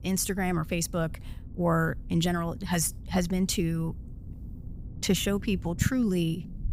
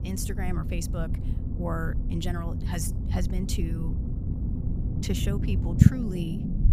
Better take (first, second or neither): first